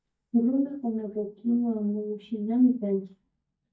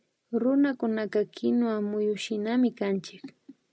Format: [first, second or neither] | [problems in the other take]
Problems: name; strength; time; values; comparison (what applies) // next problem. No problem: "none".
second | noise reduction (neural mask model DeepFilterNet 3)